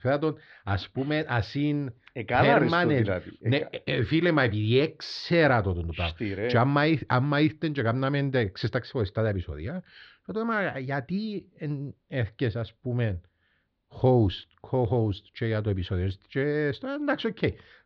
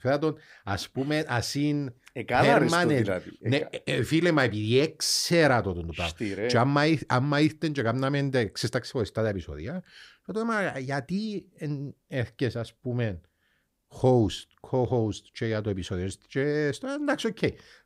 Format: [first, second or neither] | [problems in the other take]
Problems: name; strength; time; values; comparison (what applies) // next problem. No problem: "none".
second | muffled; slightly; fading above 4 kHz